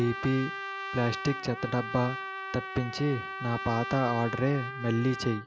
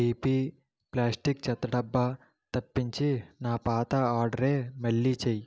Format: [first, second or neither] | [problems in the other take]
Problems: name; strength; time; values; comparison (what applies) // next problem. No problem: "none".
second | background sound (Trumpet); 8 dB below the speech